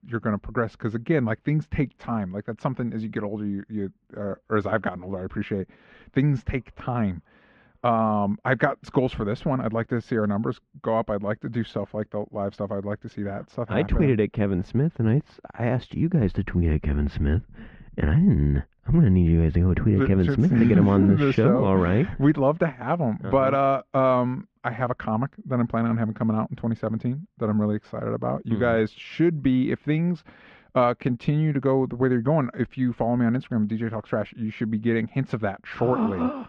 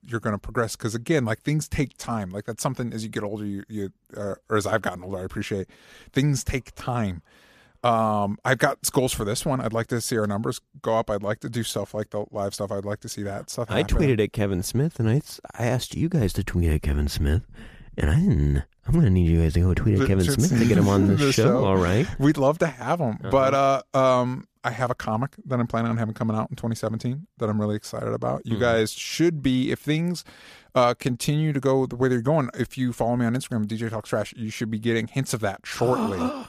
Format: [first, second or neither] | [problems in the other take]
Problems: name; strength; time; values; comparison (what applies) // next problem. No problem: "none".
second | muffled; very; fading above 2.5 kHz